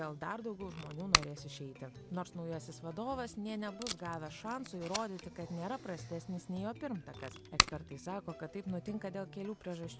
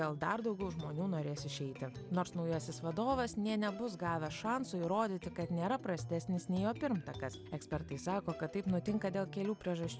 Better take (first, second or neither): second